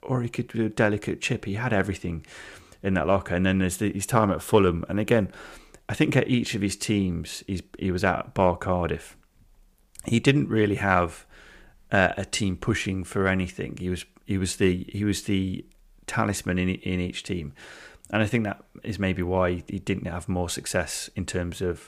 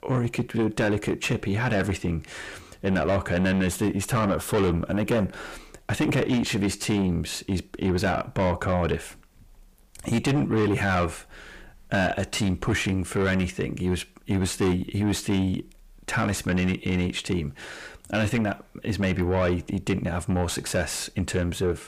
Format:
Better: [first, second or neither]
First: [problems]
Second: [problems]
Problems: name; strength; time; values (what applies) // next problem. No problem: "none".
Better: first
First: none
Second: distortion; heavy; 6 dB below the speech